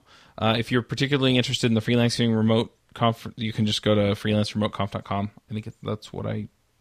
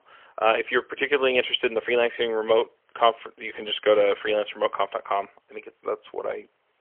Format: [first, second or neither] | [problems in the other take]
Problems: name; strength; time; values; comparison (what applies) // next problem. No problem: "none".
first | phone-call audio; poor line; nothing above 3.5 kHz